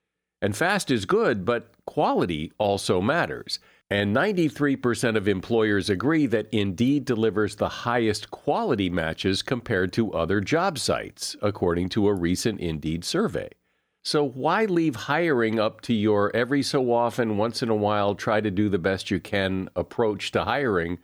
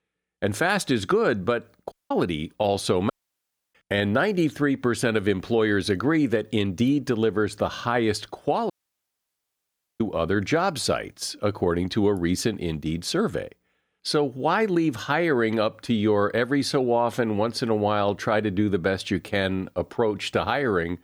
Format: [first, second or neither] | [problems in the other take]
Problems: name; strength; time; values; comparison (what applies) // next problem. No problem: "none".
first | audio cutting out; at 2 s, at 3 s for 0.5 s and at 8.5 s for 1.5 s